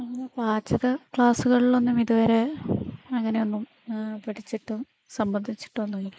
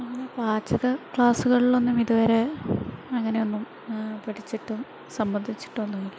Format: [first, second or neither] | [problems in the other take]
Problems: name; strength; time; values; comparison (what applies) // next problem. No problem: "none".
second | noise reduction (neural mask model Resemble Enhance denoiser)